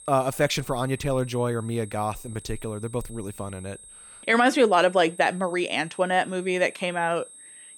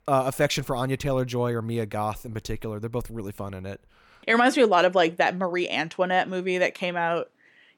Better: second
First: high-pitched whine; noticeable; throughout; 8.5 kHz, 20 dB below the speech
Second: none

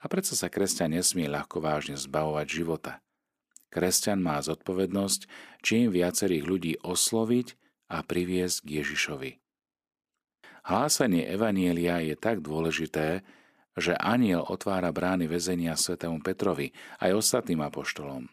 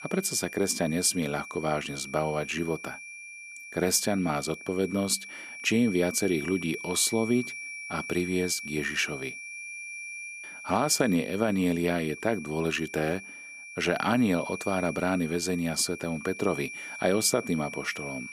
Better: first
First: none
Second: high-pitched whine; noticeable; throughout; 2.5 kHz, 10 dB below the speech

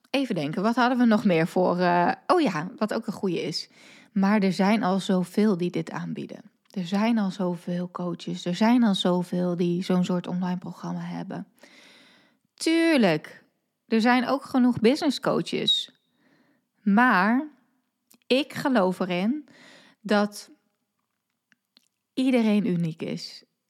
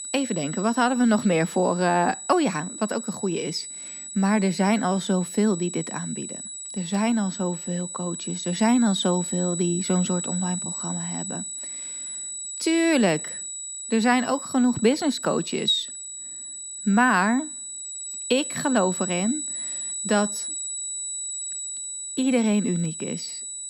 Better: first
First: none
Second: high-pitched whine; loud; throughout; 8 kHz, 7 dB below the speech

